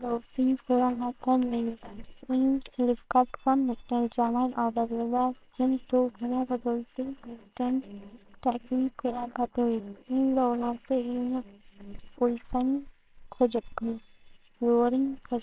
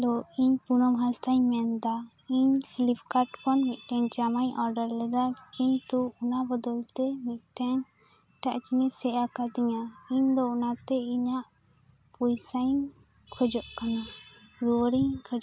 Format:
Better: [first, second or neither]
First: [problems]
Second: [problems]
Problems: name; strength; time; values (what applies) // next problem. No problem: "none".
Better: second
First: noise reduction (neural separator model SepFormer WHAMR!)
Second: none